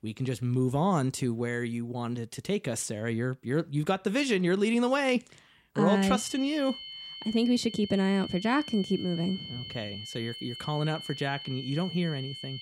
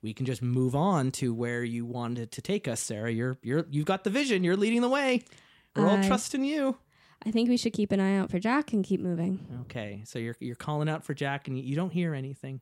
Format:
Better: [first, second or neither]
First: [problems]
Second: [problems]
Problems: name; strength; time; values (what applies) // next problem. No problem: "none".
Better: second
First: high-pitched whine; noticeable; from 6 s on; 3 kHz, 10 dB below the speech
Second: none